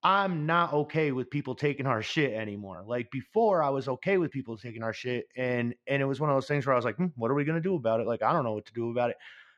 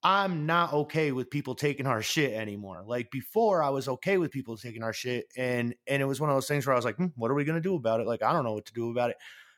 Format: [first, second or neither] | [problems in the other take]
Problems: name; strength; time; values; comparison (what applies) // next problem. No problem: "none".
second | muffled; slightly; fading above 3.5 kHz